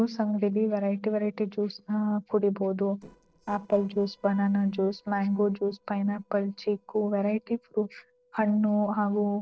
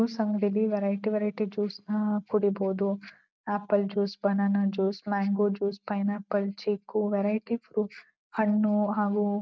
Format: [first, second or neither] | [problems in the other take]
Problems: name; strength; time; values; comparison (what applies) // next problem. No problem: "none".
second | noise reduction (neural separator model SepFormer DNS4)